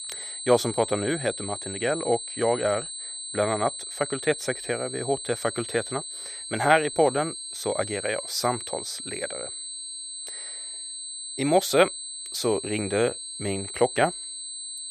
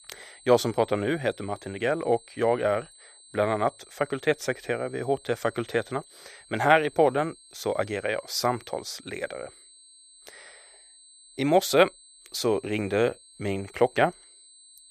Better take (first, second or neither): second